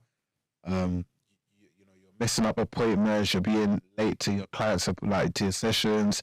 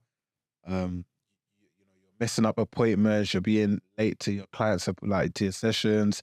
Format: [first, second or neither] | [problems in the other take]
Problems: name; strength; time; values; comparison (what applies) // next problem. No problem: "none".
second | distortion; heavy; 7 dB below the speech